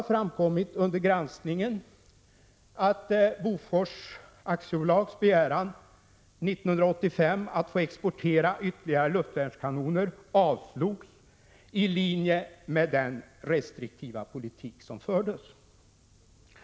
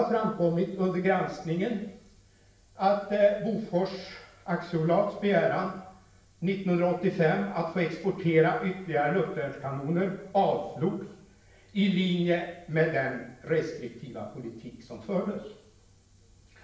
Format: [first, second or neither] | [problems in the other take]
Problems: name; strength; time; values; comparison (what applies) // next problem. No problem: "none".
first | room echo; dies away in 0.6 s